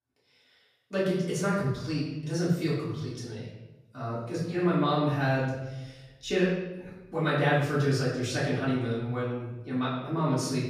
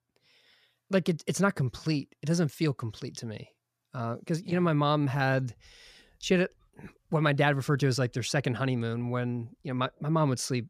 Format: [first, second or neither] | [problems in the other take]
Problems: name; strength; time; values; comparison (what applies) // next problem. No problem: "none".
second | off-mic speech; far // room echo; noticeable; dies away in 0.9 s